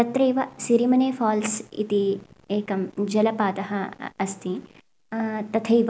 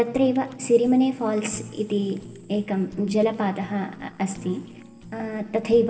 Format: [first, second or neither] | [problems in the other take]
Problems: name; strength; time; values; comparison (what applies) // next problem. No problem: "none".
first | background sound (Fire); 19 dB below the speech // room echo; dies away in 2.8 s